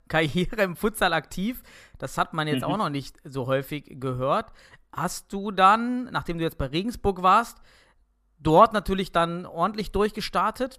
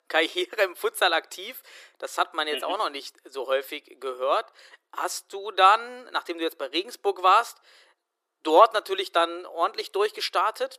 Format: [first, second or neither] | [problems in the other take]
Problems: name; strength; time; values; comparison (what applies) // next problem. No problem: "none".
first | thin; very; fading below 350 Hz